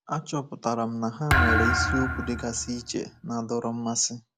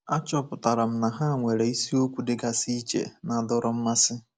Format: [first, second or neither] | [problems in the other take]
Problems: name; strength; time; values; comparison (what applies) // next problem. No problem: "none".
second | background sound (Thump, thud); 2 dB above the speech